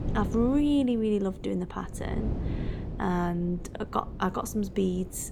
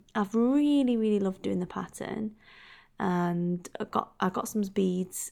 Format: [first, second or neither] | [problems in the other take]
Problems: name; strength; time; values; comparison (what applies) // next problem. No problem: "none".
second | wind noise on the microphone; occasional gusts; 15 dB below the speech